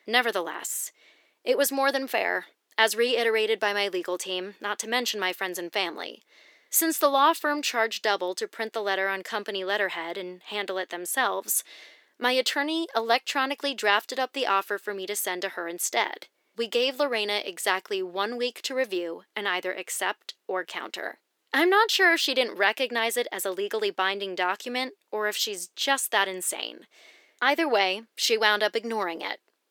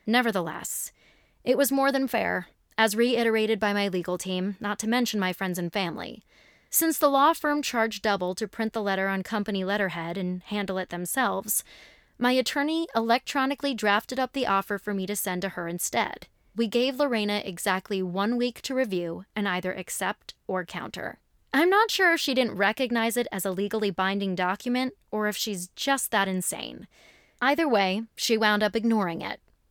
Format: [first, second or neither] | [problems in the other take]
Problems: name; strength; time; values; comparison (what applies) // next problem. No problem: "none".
second | thin; somewhat; fading below 350 Hz